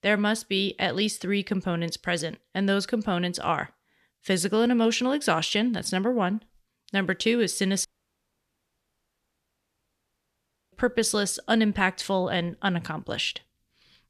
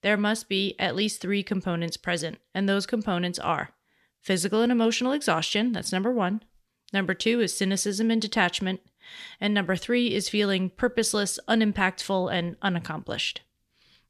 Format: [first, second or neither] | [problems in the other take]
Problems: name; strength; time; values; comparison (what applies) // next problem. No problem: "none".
second | audio cutting out; at 8 s for 3 s